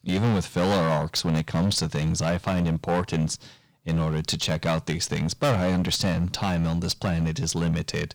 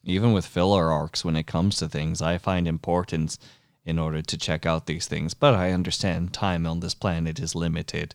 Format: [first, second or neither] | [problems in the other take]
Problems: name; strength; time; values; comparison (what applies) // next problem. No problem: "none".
second | distortion; heavy; 11% of the sound clipped